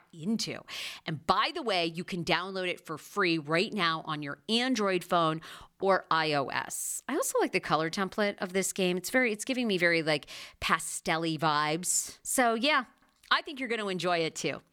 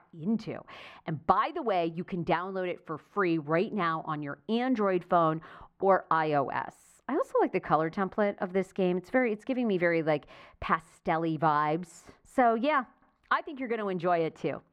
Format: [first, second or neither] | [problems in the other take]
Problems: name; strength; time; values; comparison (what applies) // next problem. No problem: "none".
first | muffled; very; fading above 3 kHz